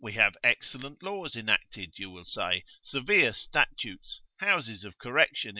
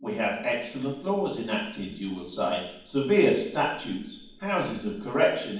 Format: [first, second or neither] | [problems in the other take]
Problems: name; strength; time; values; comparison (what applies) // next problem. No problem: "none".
first | room echo; dies away in 1.2 s